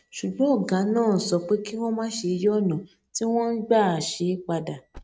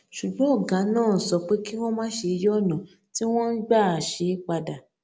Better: second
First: noise reduction (neural mask model RNNoise)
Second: none

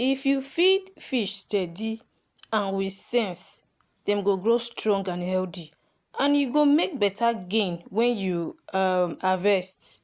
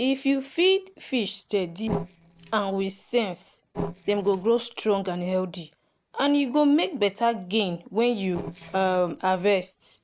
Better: first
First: none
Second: noise reduction (neural separator model SepFormer DNS4)

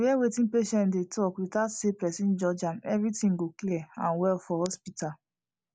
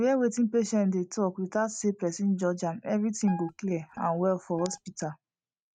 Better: first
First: none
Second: noise reduction (neural mask model RNNoise)

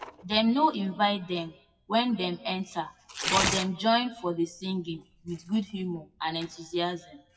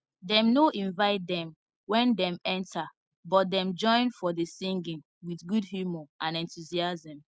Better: second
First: noise reduction (classical method WPE with log-MMSE)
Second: none

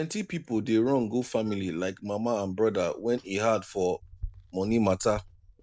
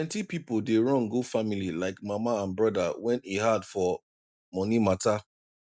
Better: second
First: background sound (Bicycle); 20 dB below the speech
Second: none

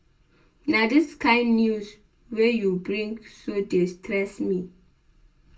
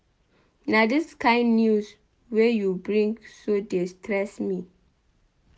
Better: second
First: room echo; dies away in 0.2 s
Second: none

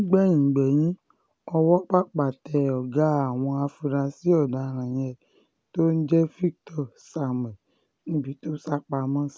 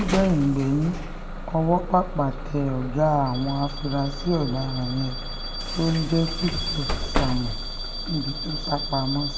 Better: first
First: none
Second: background sound (Bus / Alarm); 4 dB below the speech // room echo; dies away in 0.5 s

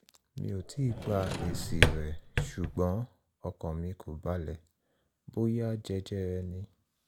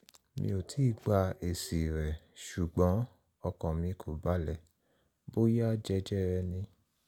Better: second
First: background sound (Drawer open or close); 3 dB above the speech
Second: none

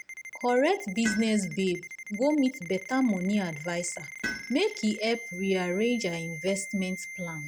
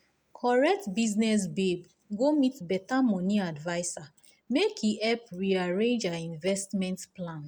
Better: second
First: background sound (Ringtone + Tools); 11 dB below the speech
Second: none

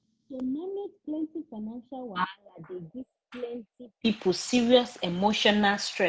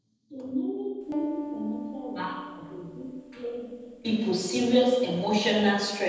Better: first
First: none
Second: background sound (Piano); 11 dB below the speech // room echo; dies away in 1 s

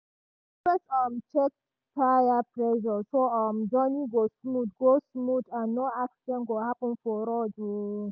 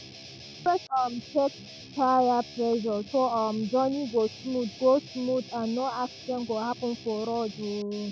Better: first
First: none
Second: background sound (Guitar); 17 dB below the speech

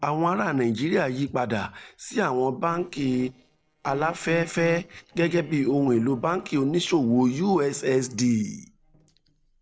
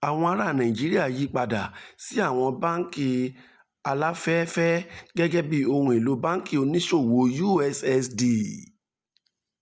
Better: second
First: noise reduction (neural separator model SepFormer DNS4)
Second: none

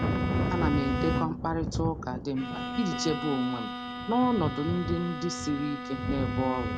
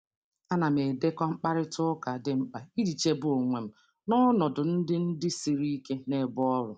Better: second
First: background sound (Bowed string instrument + Thunder); 1 dB below the speech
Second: none

